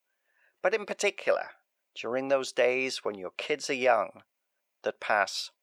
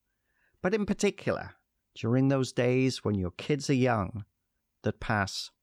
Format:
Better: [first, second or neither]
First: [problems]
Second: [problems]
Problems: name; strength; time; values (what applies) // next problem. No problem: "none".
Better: second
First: thin; very; fading below 600 Hz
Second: none